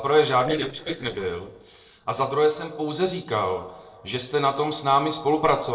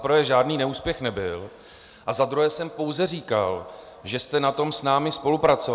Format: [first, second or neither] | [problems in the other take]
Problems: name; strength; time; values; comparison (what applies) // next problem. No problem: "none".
second | noise reduction (neural separator model SepFormer DNS4)